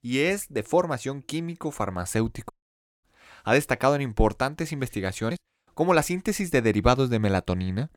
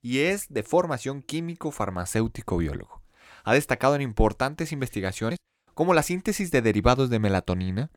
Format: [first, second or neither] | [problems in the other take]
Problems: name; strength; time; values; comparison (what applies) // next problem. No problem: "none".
second | audio cutting out; at 2.5 s for 0.5 s